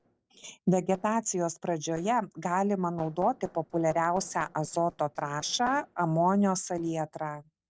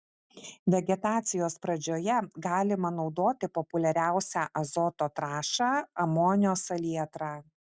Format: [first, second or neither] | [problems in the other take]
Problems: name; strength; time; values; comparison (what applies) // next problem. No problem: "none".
second | noise reduction (neural separator model SepFormer DNS4)